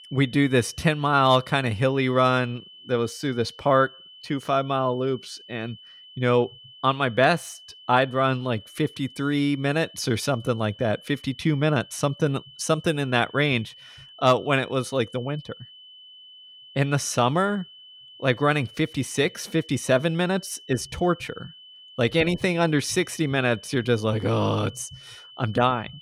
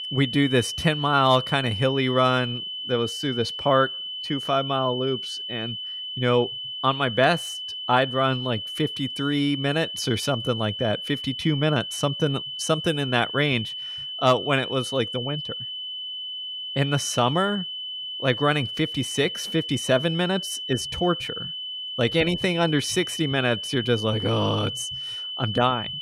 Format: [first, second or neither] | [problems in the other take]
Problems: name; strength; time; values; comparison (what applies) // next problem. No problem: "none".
first | high-pitched whine; loud; throughout; 3 kHz, 6 dB below the speech; faint in the first